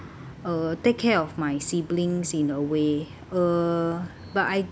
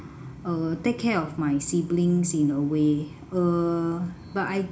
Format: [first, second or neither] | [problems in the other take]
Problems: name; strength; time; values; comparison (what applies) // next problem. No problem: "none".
first | room echo; dies away in 0.4 s